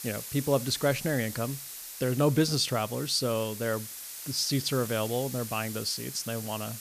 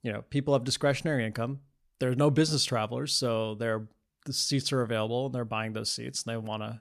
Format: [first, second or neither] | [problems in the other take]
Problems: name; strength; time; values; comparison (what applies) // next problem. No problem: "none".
second | hiss; loud; throughout; 9 dB below the speech